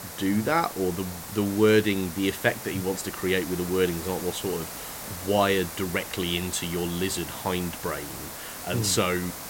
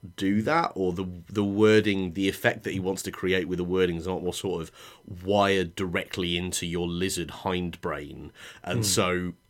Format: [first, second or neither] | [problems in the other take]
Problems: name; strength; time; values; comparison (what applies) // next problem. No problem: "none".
second | hiss; loud; throughout; 9 dB below the speech